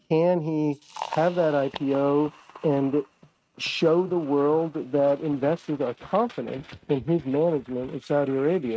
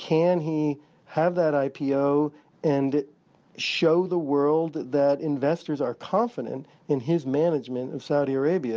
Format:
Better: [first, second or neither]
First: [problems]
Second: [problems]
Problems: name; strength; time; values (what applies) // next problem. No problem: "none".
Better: second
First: noise reduction (neural mask model RNNoise)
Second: none